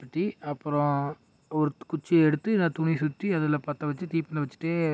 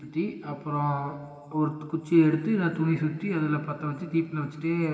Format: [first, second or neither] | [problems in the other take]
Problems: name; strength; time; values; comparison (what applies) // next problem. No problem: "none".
first | room echo; dies away in 2 s